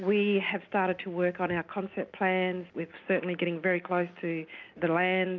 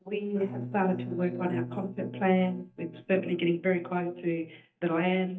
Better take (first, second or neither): first